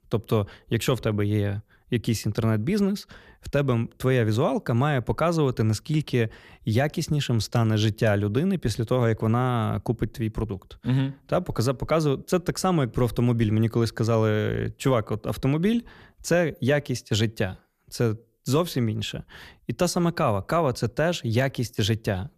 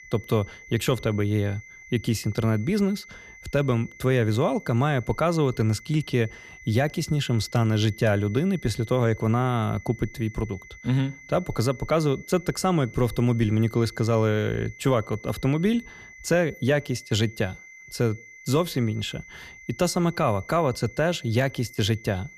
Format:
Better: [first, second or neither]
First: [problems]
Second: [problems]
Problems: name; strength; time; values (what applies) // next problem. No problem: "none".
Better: first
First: none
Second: high-pitched whine; noticeable; throughout; 2 kHz, 20 dB below the speech